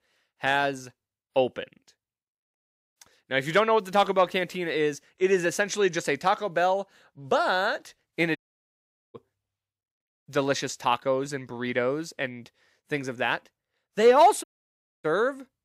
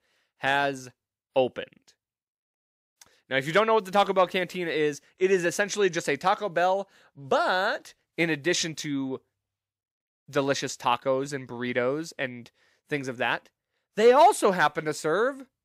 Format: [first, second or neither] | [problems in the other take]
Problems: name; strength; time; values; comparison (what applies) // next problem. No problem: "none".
second | audio cutting out; at 8.5 s for 1 s and at 14 s for 0.5 s